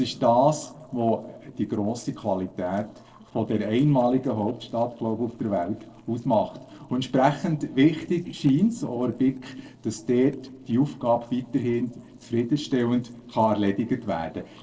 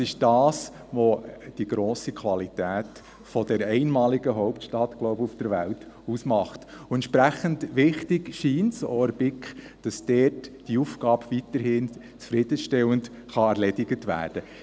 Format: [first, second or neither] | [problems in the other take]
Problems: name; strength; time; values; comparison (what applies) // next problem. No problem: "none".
second | noise reduction (neural separator model SepFormer DNS4)